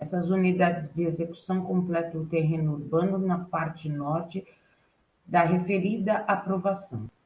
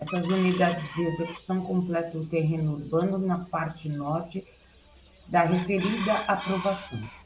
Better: first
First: none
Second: background sound (Chicken, rooster); 14 dB below the speech

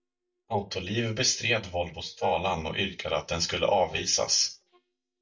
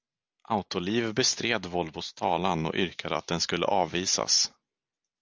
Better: second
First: noise reduction (neural mask model DeepFilterNet 3)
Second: none

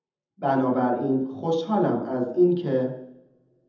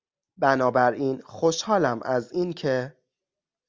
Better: second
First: room echo; dies away in 0.8 s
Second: none

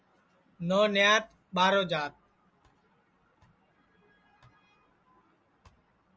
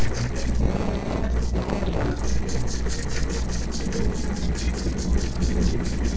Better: first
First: none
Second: noise reduction (neural separator model SepFormer DNS4)

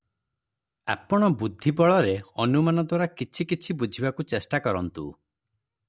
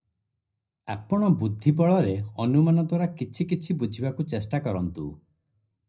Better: first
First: none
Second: room echo; dies away in 0.3 s

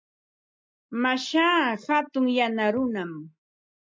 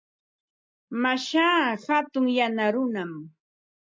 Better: second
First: noise reduction (neural mask model DeepFilterNet 3)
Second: none

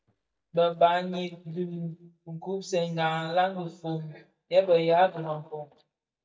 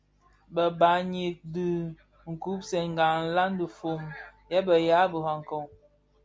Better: second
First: noise reduction (neural mask model DeepFilterNet 3)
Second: none

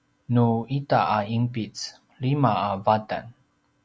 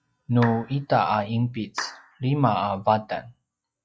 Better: first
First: none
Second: noise reduction (classical method log-MMSE)

